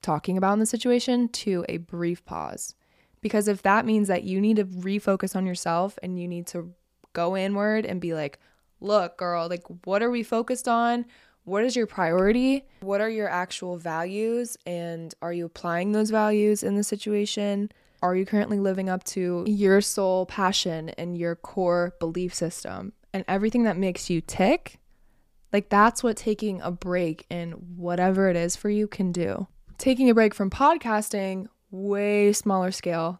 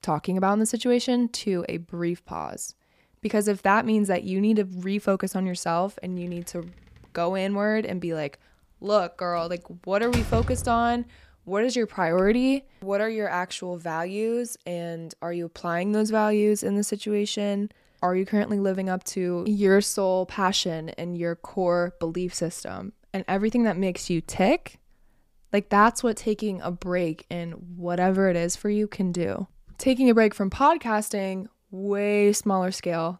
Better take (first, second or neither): first